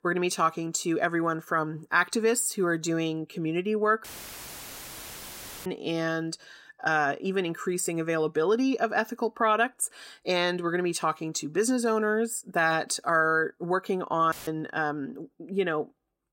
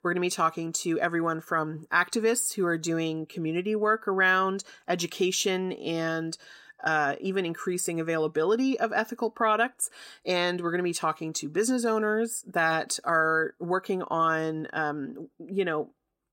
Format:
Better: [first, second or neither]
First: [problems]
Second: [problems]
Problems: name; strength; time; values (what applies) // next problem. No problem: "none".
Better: second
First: audio cutting out; filled with static; at 4 s for 1.5 s and at 14 s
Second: none